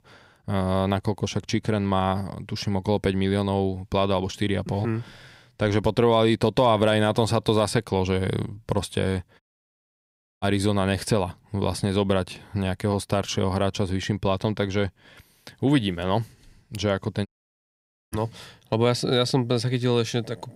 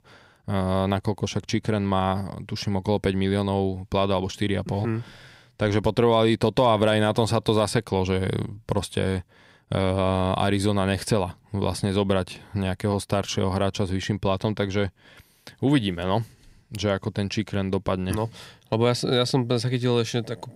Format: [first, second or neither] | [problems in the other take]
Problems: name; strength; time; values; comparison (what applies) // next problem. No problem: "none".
second | audio cutting out; at 9.5 s for 1 s and at 17 s for 1 s